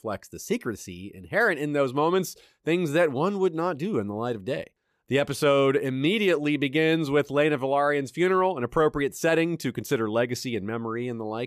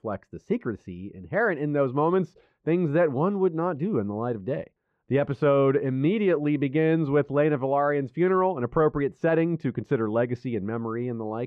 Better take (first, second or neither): first